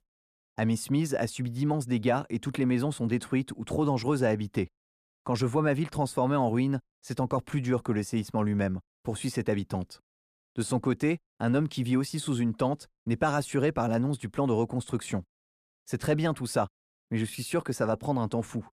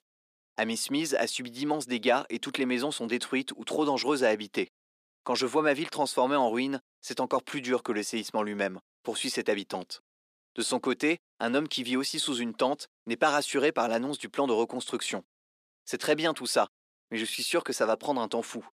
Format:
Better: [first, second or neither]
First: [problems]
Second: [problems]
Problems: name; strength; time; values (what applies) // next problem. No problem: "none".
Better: first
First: none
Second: thin; somewhat; fading below 300 Hz